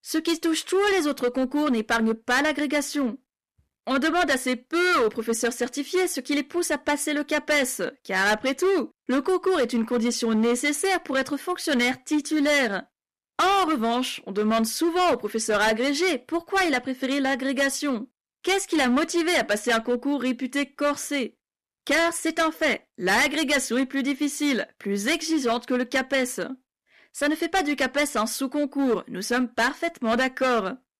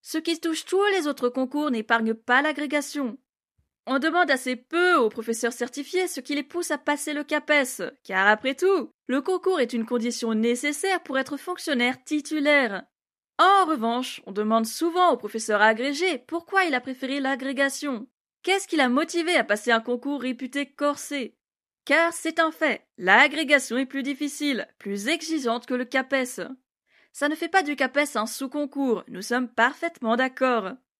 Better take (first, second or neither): second